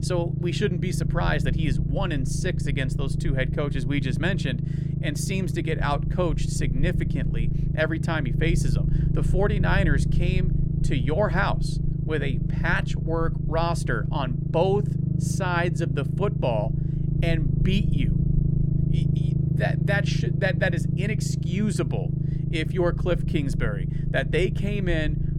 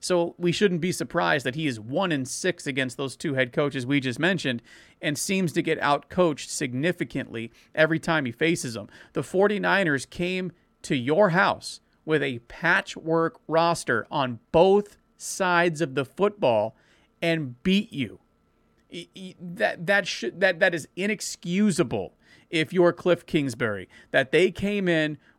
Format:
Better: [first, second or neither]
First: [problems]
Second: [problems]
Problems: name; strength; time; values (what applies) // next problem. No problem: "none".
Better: second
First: low rumble; loud; throughout; 8 dB below the speech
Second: none